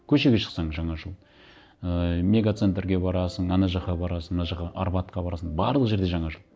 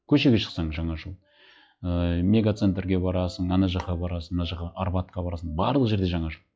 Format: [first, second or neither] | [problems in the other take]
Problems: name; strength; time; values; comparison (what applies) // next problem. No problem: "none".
first | noise reduction (classical method log-MMSE)